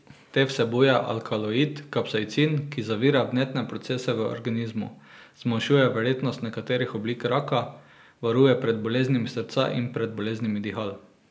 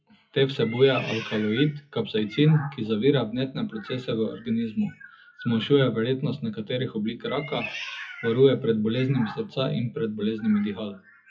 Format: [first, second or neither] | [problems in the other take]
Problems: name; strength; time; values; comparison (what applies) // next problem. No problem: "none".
first | noise reduction (classical method WPE with log-MMSE)